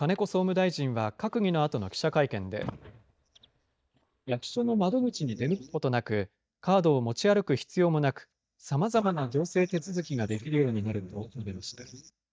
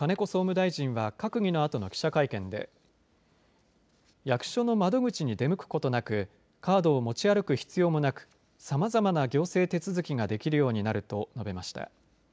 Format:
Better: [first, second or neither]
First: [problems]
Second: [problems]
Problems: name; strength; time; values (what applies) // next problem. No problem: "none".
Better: second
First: noise reduction (neural mask model DeepFilterNet 3)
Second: none